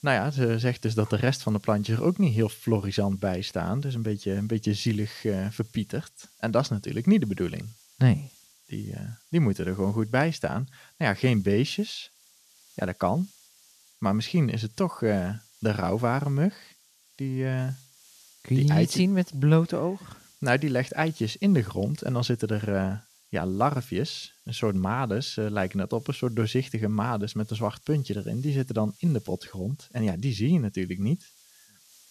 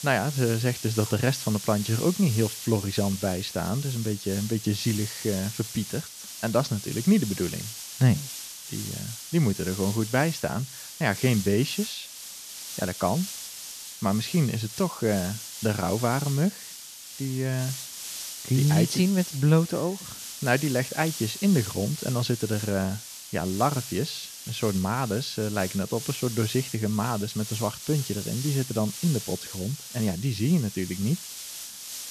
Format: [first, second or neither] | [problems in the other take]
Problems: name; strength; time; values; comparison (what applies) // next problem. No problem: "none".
first | hiss; loud; throughout; 9 dB below the speech; faint in the first